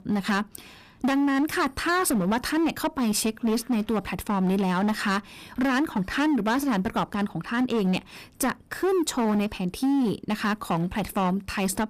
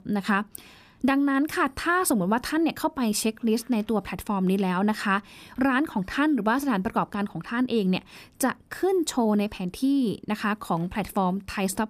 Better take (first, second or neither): second